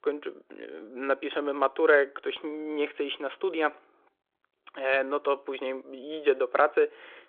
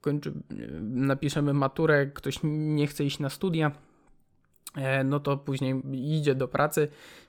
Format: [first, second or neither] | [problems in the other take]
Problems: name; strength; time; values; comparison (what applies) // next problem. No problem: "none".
second | phone-call audio; nothing above 3.5 kHz